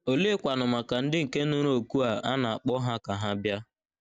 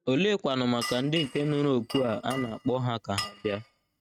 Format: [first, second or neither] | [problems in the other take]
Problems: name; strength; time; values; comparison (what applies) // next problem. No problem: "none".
first | noise reduction (neural mask model RNNoise)